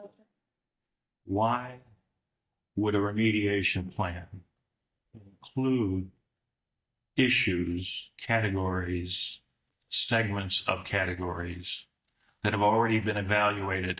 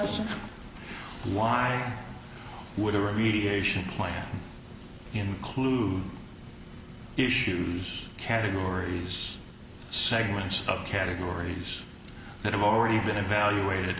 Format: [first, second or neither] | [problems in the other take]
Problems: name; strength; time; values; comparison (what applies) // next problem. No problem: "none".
second | noise reduction (neural mask model DeepFilterNet 3)